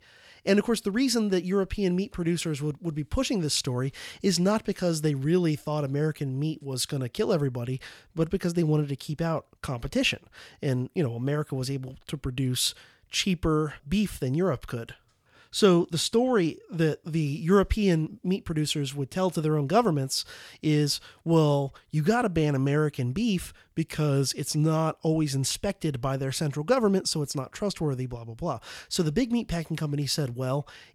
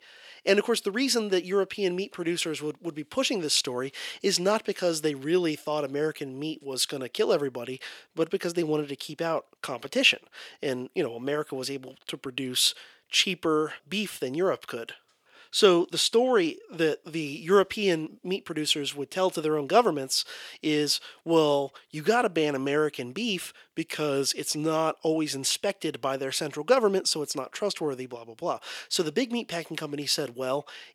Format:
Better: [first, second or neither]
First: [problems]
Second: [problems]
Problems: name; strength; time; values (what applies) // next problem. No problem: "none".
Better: first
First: none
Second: thin; somewhat; fading below 400 Hz